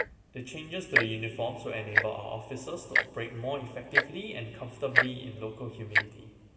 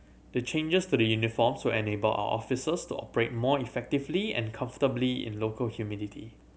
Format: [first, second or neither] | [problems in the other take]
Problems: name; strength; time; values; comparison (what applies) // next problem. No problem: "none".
second | background sound (Tick-tock); 4 dB above the speech // room echo; dies away in 2.3 s